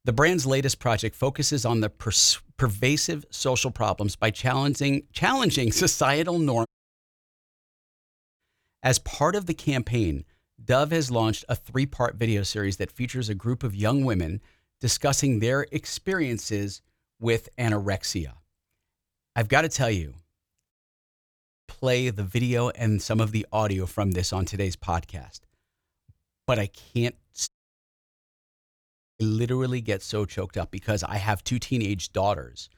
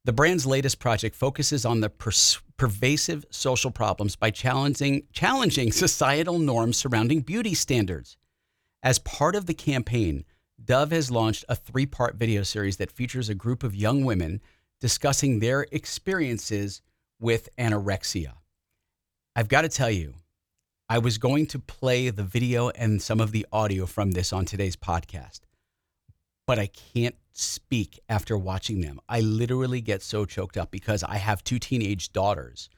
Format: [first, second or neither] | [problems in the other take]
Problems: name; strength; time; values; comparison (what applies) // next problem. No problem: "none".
second | audio cutting out; at 6.5 s for 1.5 s, at 21 s for 1 s and at 27 s for 1.5 s